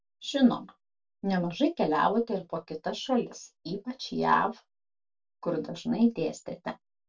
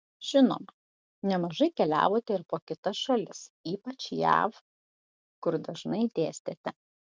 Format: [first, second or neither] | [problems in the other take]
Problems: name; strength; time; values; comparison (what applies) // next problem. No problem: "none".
second | room echo; dies away in 0.1 s